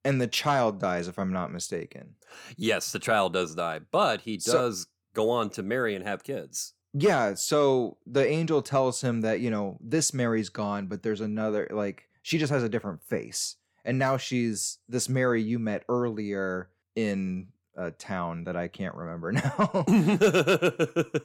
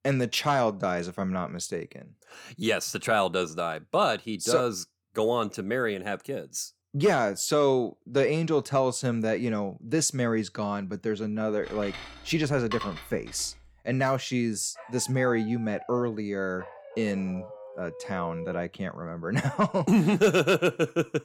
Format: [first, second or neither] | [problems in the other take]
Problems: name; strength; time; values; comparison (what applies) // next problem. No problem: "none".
first | clattering dishes; noticeable; from 12 to 13 s; peak 8 dB below the speech // dog barking; faint; from 15 to 19 s; peak 10 dB below the speech